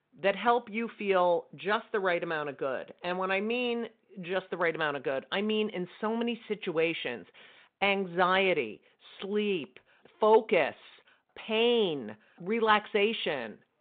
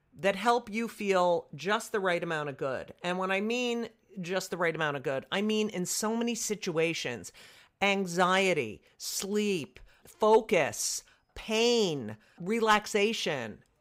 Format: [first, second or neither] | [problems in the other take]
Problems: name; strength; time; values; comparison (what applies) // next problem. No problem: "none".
second | phone-call audio; nothing above 3.5 kHz